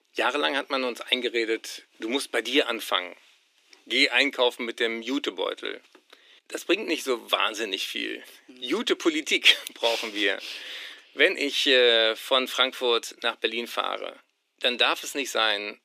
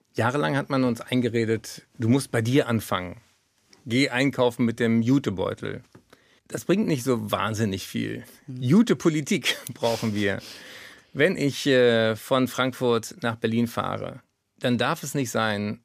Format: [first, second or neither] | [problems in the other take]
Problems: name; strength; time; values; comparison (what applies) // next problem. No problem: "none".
second | thin; somewhat; fading below 300 Hz